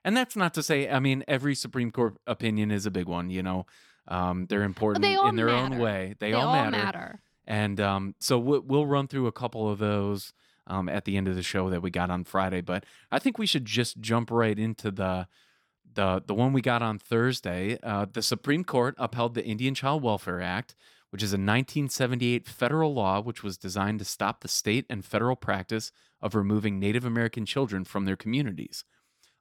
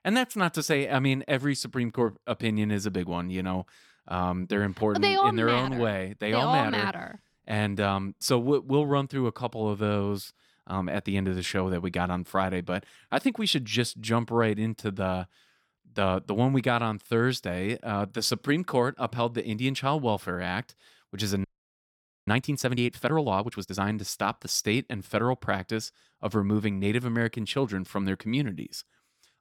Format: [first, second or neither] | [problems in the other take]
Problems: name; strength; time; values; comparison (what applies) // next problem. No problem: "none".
first | audio freezing; at 21 s for 1 s